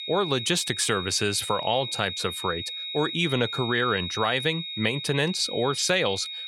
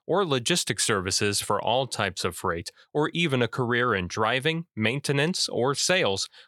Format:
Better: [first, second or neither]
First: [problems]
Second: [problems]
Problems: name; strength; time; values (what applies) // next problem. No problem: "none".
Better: second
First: high-pitched whine; loud; throughout; 4 kHz, 6 dB below the speech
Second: none